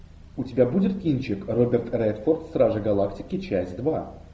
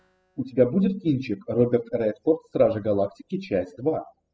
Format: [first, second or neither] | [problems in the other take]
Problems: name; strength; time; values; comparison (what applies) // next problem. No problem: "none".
first | noise reduction (classical method spectral subtraction)